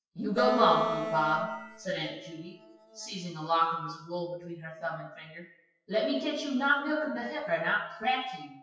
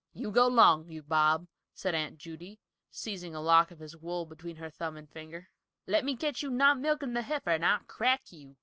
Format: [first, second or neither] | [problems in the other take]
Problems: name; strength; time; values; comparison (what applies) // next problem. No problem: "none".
second | noise reduction (classical method WPE with log-MMSE)